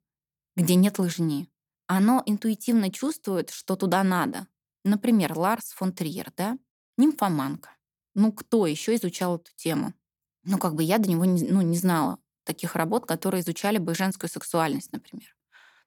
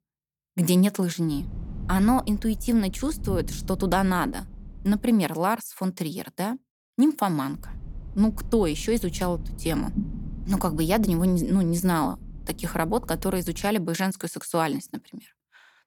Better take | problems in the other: first | low rumble; noticeable; from 1.5 to 5 s and from 7.5 to 14 s; 20 dB below the speech

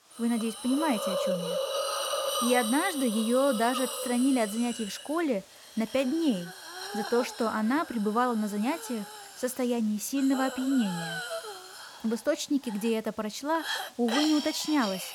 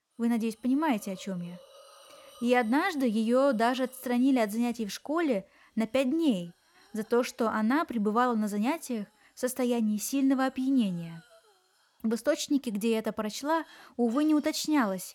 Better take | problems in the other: second | hiss; loud; throughout; 5 dB below the speech; faint in the second

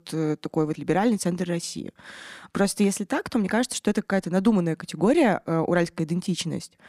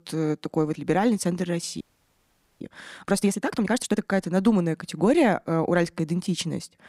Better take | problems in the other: first | audio freezing; at 2 s for 1 s

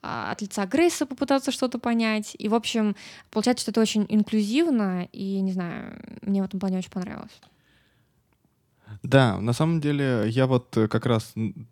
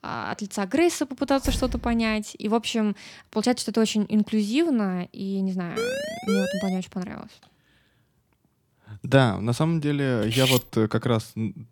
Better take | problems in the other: first | door banging; noticeable; at 1.5 s; peak 7 dB below the speech // siren; noticeable; from 6 to 7 s; peak 3 dB below the speech // clattering dishes; loud; at 10 s; peak 1 dB above the speech

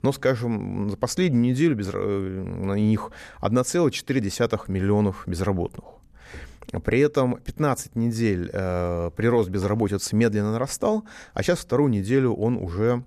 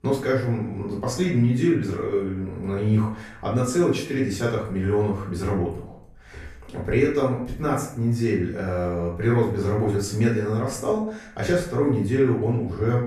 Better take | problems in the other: first | off-mic speech; far // room echo; noticeable; dies away in 0.5 s

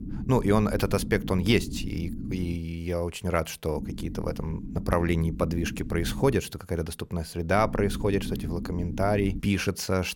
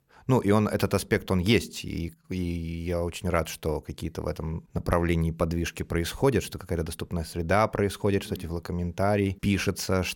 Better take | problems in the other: second | low rumble; noticeable; until 2.5 s, from 4 to 6.5 s and from 7.5 to 9.5 s; 15 dB below the speech

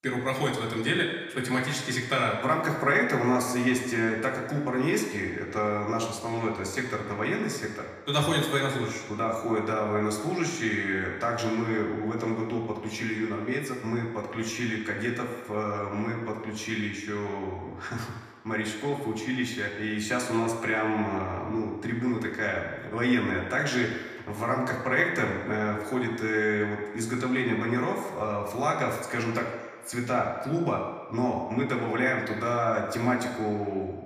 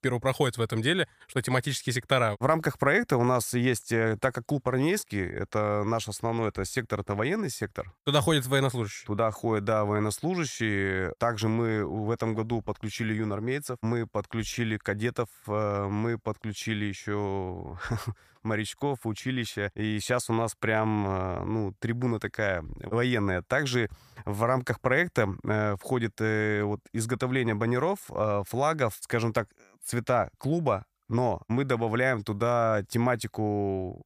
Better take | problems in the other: second | room echo; noticeable; dies away in 1.4 s // off-mic speech; somewhat distant

